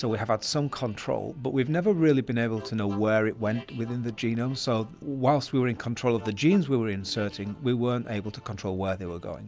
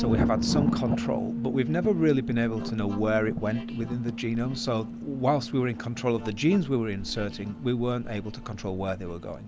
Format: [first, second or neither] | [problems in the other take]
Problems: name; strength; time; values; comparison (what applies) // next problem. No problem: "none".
first | background sound (Thunder + Bass guitar); 4 dB below the speech